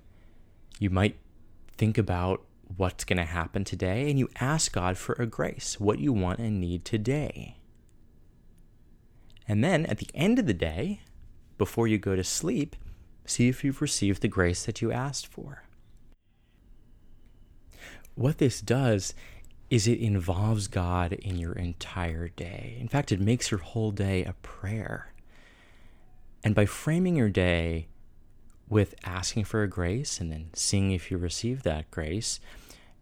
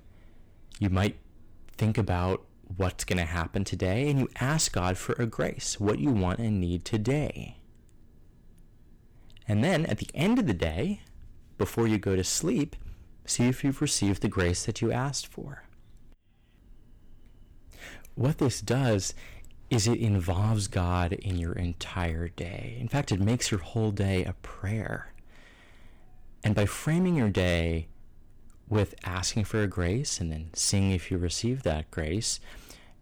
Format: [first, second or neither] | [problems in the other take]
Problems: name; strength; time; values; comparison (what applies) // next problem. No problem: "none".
first | distortion; slight; 5% of the sound clipped